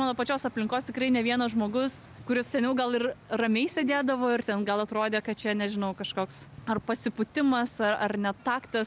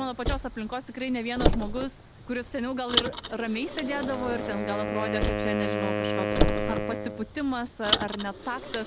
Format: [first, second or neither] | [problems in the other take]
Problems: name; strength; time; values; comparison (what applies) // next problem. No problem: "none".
first | background sound (Car + Wind instrument, woodwind instrument); 3 dB above the speech